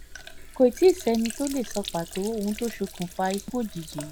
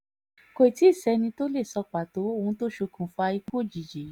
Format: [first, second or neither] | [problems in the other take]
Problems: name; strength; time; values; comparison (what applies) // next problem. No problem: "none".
second | background sound (Sink (filling or washing)); 13 dB below the speech